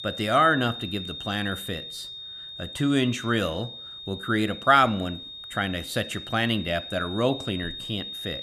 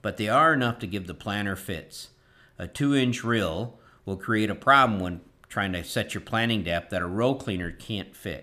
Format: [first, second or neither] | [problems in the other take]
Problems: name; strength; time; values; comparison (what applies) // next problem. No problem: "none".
second | high-pitched whine; noticeable; throughout; 3.5 kHz, 10 dB below the speech